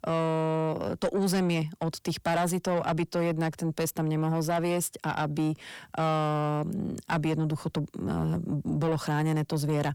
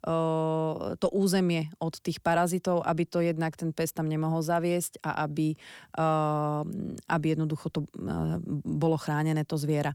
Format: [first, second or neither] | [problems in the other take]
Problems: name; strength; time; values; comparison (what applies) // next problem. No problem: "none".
second | distortion; slight; 10 dB below the speech